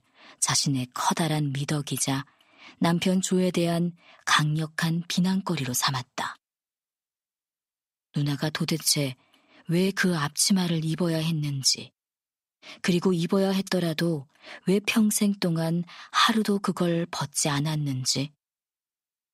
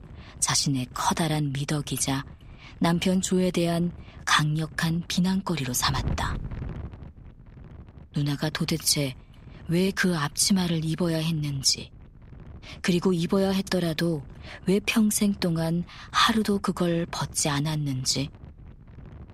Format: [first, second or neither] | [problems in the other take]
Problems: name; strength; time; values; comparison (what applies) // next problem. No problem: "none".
first | wind noise on the microphone; occasional gusts; 25 dB below the speech